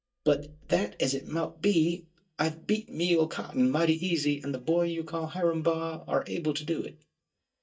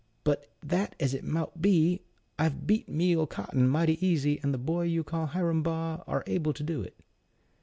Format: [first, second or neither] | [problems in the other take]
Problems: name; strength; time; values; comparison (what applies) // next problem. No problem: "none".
second | noise reduction (neural mask model DeepFilterNet 3)